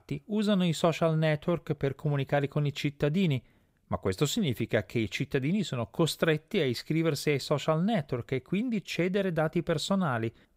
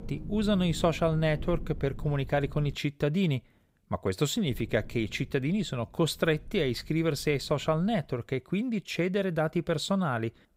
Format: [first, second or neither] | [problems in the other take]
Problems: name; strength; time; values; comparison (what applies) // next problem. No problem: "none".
first | wind noise on the microphone; occasional gusts; until 3 s and from 4.5 to 8 s; 25 dB below the speech